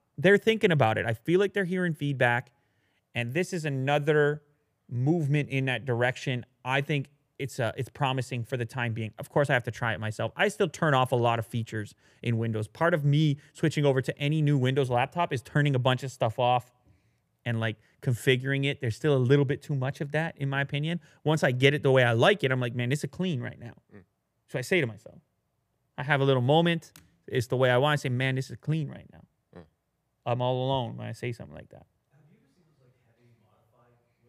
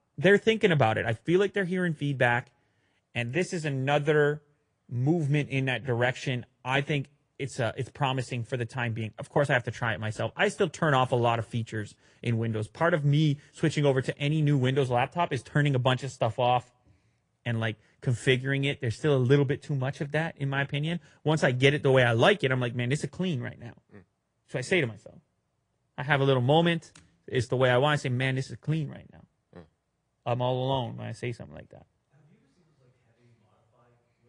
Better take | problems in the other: first | garbled, watery; slightly

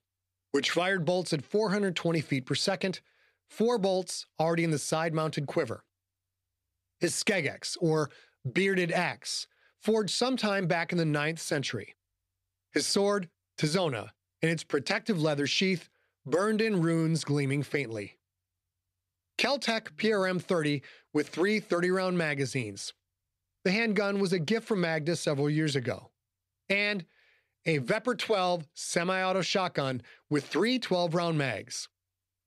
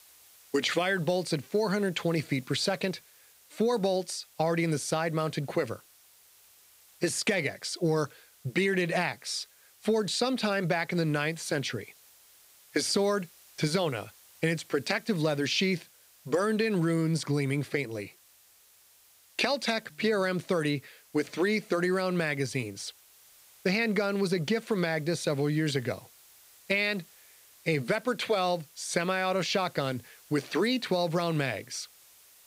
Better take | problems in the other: first | hiss; faint; throughout; 25 dB below the speech

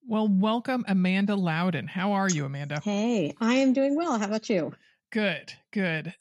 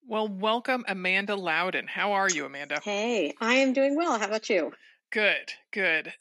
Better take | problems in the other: first | thin; somewhat; fading below 300 Hz

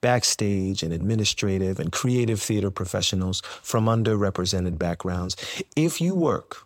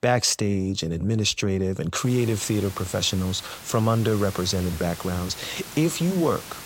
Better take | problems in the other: first | hiss; noticeable; from 2 s on; 15 dB below the speech

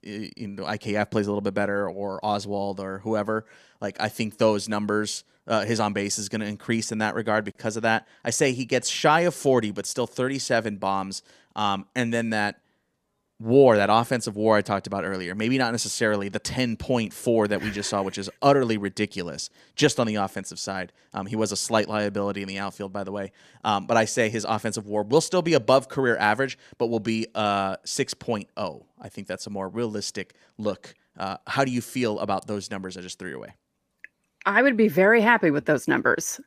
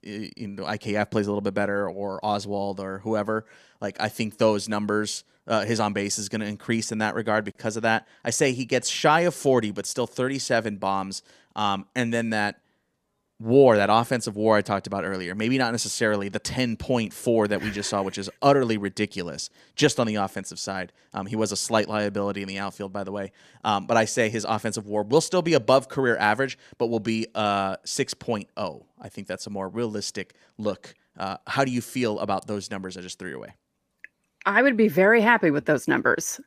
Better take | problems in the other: neither | none

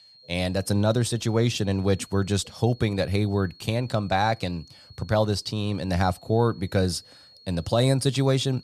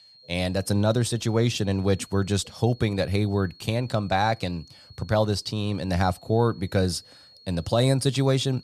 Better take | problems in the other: neither | high-pitched whine; faint; throughout; 4.5 kHz, 25 dB below the speech; the same in both

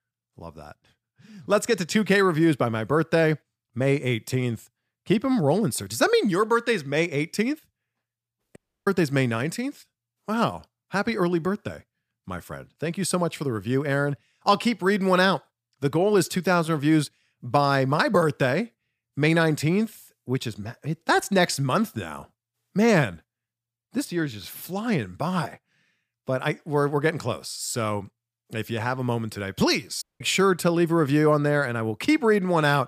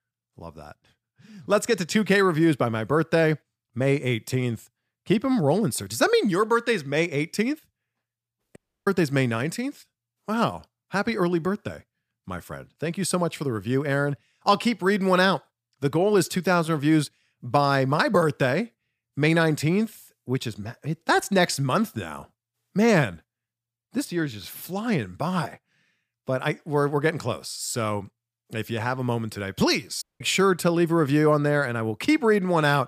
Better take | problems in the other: neither | audio cutting out; at 8.5 s and at 30 s; the same in both

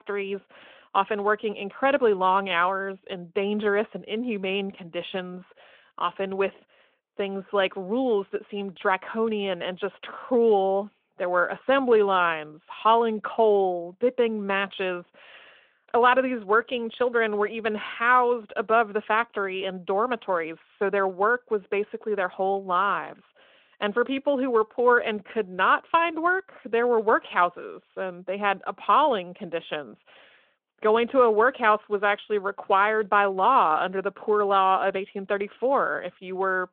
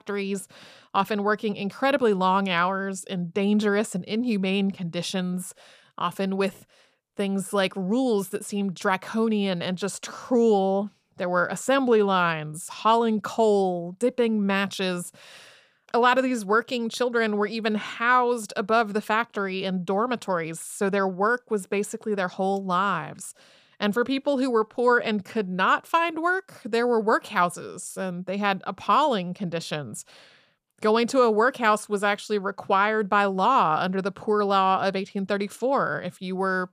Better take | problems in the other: second | phone-call audio

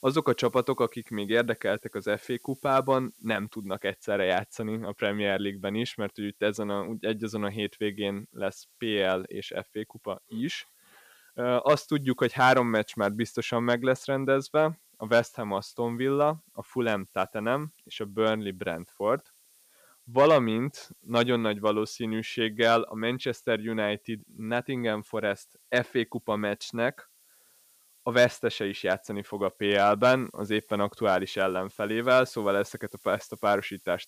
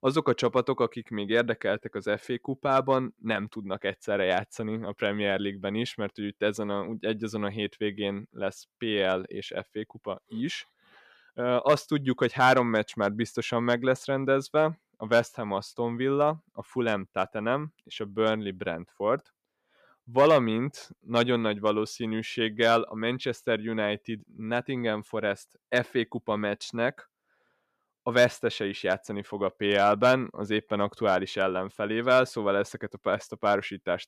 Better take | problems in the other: second | hiss; faint; throughout; 30 dB below the speech

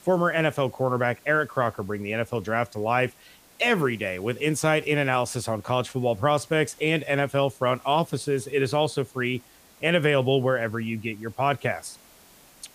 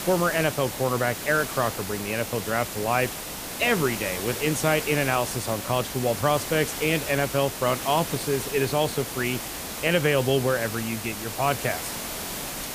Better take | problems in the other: first | hiss; loud; throughout; 6 dB below the speech; faint in the first

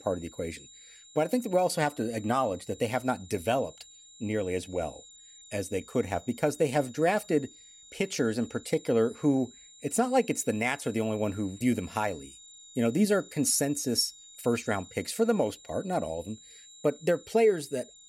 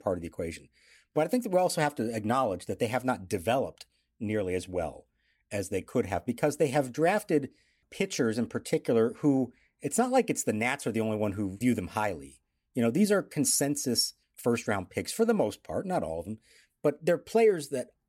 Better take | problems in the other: second | high-pitched whine; faint; throughout; 7 kHz, 20 dB below the speech

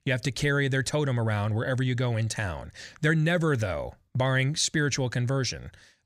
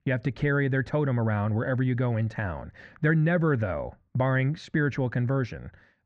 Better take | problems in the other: first | muffled; very; fading above 1.5 kHz

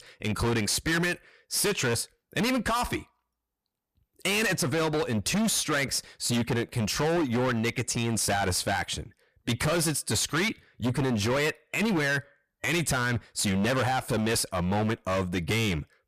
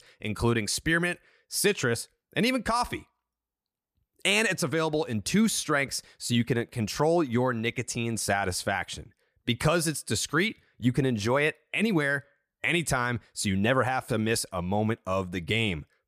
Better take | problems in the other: second | distortion; heavy; 22% of the sound clipped

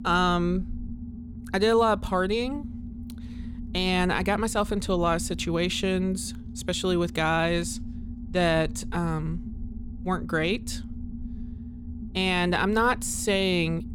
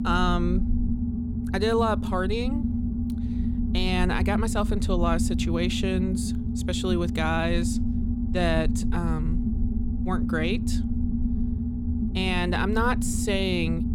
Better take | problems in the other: first | low rumble; loud; throughout; 7 dB below the speech; faint in the first

